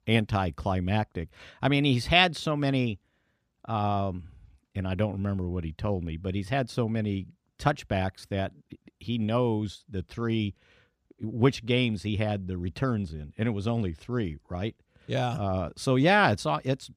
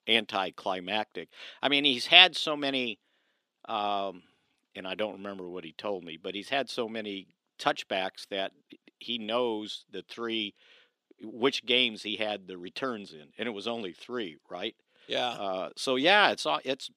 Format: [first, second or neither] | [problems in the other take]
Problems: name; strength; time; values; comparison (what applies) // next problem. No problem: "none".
first | thin; somewhat; fading below 300 Hz